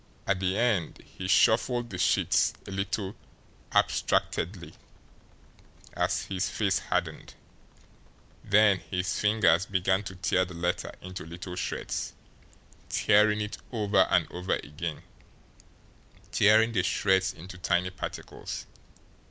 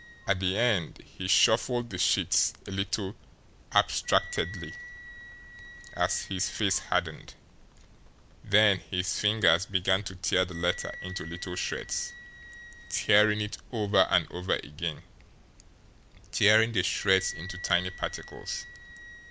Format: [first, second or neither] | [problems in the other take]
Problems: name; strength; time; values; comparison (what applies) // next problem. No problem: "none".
first | background sound (Wind instrument, woodwind instrument); 18 dB below the speech